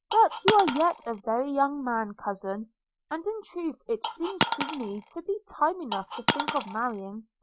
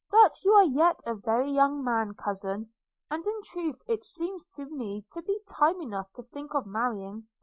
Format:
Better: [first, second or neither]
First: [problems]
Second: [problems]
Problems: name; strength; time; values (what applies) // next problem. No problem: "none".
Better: second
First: background sound (Coin (dropping)); 3 dB below the speech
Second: none